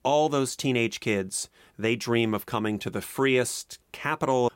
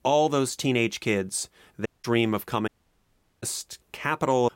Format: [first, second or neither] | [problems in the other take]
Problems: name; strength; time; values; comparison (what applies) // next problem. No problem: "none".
first | audio cutting out; at 2 s and at 2.5 s for 0.5 s